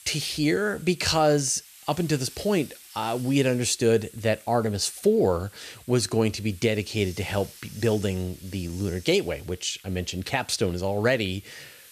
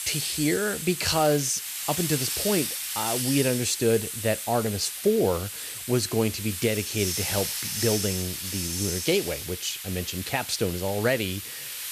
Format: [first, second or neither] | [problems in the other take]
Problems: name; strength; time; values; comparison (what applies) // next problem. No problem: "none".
first | hiss; loud; throughout; 3 dB below the speech; faint in the first